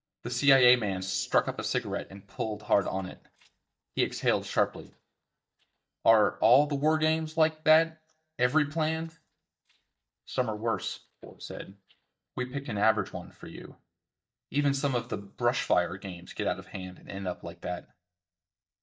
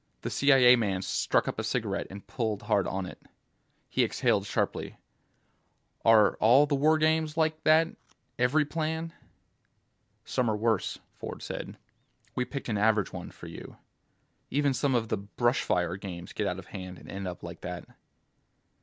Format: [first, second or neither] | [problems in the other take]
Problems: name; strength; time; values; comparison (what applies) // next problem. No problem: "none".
second | noise reduction (neural mask model DeepFilterNet 3)